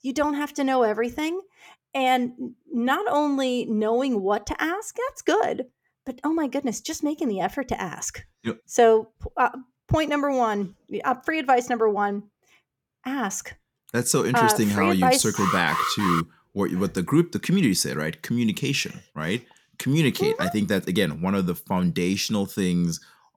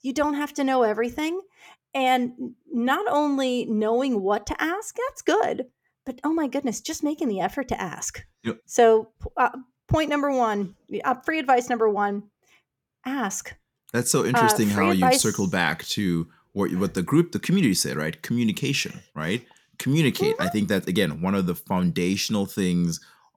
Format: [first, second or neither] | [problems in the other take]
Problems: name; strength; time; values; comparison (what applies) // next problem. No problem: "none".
second | alarm; noticeable; at 15 s; peak 1 dB below the speech